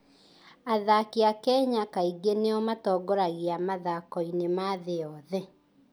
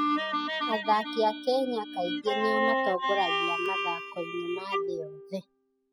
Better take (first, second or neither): first